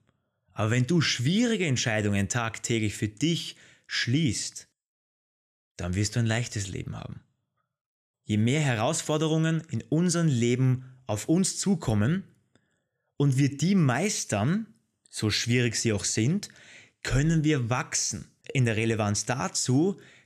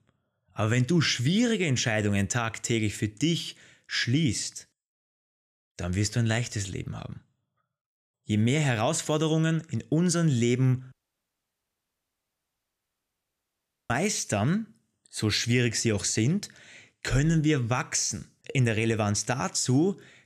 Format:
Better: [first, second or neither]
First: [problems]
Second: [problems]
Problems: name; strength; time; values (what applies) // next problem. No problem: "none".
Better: first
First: none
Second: audio cutting out; at 11 s for 3 s